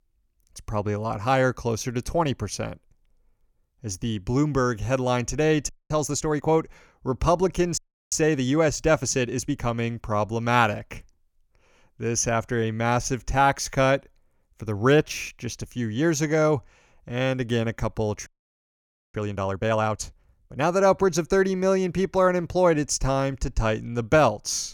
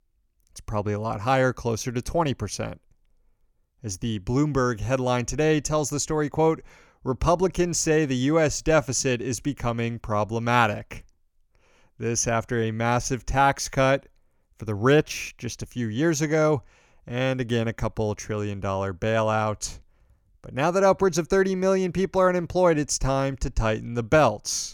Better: second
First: audio freezing; at 5.5 s, at 8 s and at 18 s for 1 s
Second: none

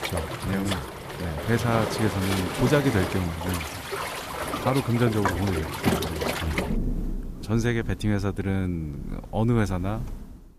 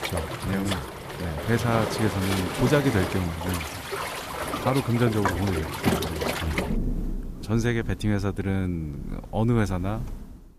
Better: neither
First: rain or running water; loud; throughout; 3 dB below the speech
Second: rain or running water; loud; throughout; 3 dB below the speech

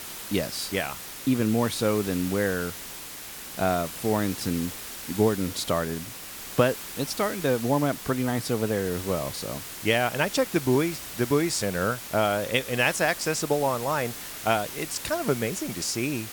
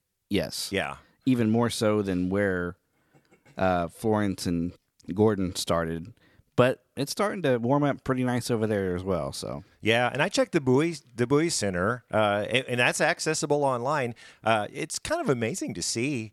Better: second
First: hiss; loud; throughout; 9 dB below the speech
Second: none

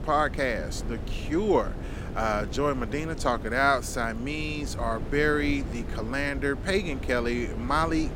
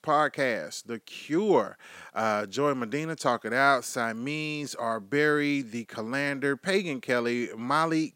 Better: second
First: wind noise on the microphone; occasional gusts; 15 dB below the speech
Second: none

